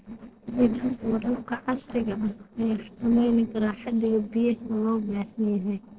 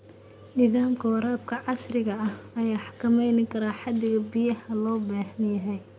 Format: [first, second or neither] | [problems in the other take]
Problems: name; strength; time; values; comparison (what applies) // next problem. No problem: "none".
second | noise reduction (neural separator model SepFormer DNS4)